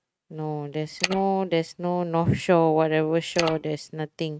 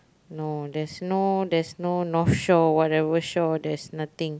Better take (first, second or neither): second